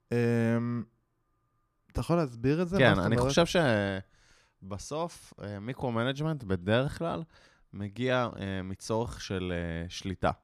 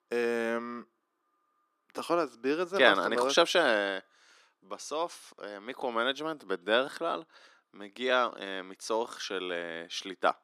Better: first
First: none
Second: thin; somewhat; fading below 300 Hz

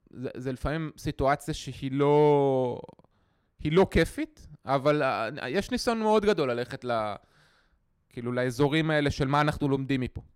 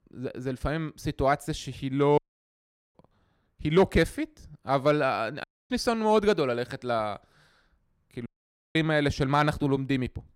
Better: first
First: none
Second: audio cutting out; at 2 s for 1 s, at 5.5 s and at 8.5 s

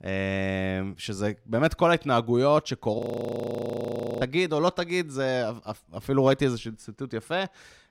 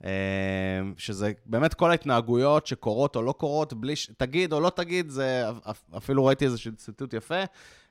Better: second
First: audio freezing; at 3 s for 1 s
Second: none

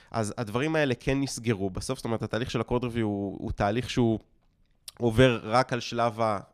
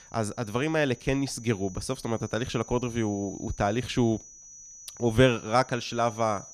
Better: first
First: none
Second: high-pitched whine; noticeable; throughout; 6 kHz, 20 dB below the speech

